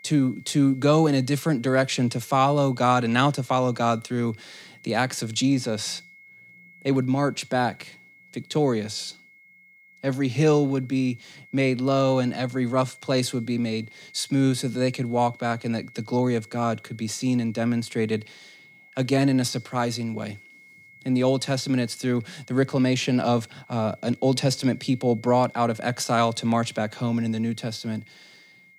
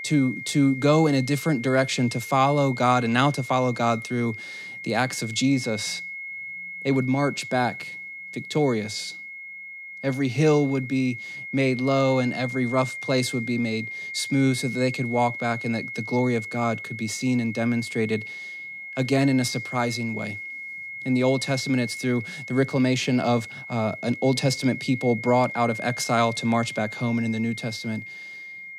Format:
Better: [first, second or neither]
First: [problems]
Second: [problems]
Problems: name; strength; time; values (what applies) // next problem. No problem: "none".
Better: first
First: high-pitched whine; faint; throughout; 2 kHz, 25 dB below the speech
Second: high-pitched whine; loud; throughout; 2 kHz, 10 dB below the speech